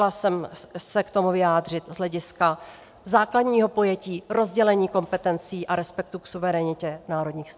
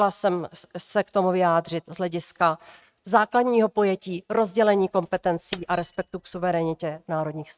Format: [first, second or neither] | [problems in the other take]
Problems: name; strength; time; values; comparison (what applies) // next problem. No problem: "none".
first | noise reduction (neural mask model RNNoise)